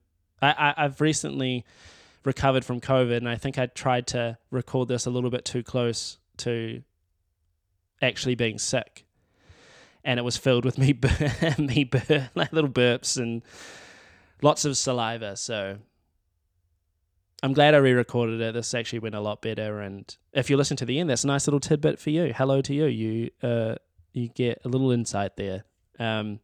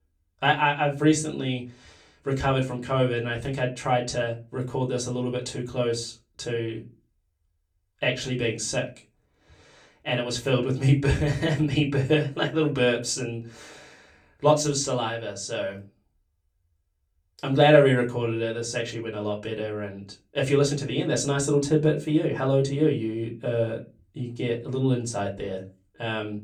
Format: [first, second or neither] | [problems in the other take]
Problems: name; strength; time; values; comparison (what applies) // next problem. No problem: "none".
first | off-mic speech; far // room echo; very slight; dies away in 0.2 s